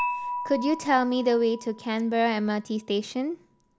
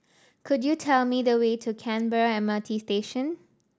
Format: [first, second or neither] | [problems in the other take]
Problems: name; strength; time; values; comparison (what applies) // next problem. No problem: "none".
second | background sound (Dishes, pots, and pans / Chink, clink); 10 dB below the speech